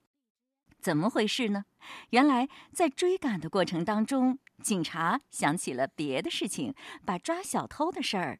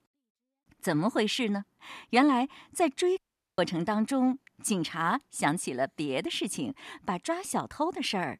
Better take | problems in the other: first | audio cutting out; at 3 s

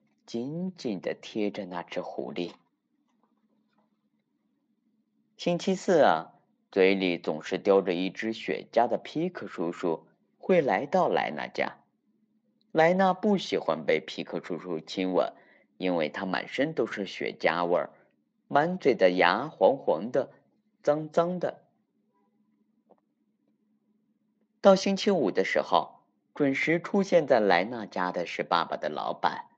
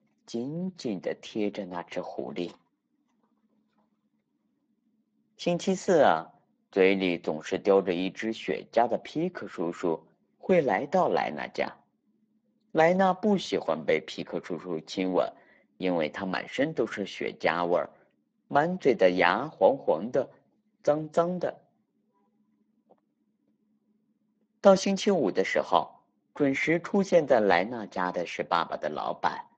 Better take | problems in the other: first | garbled, watery; badly; slightly in the first

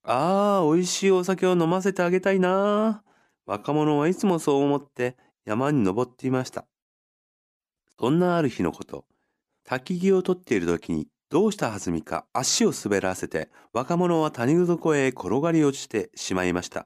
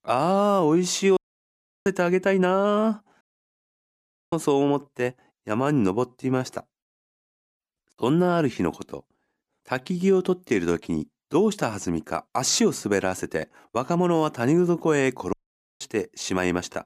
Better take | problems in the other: first | audio cutting out; at 1 s for 0.5 s, at 3 s for 1 s and at 15 s

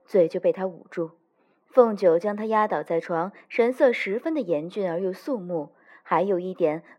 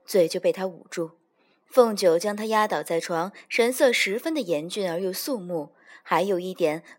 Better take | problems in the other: second | muffled; very; fading above 3.5 kHz

